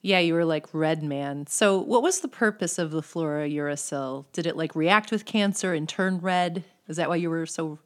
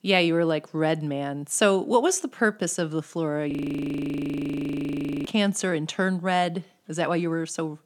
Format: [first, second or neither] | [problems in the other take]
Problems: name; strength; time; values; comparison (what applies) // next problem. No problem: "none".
first | audio freezing; at 3.5 s for 1.5 s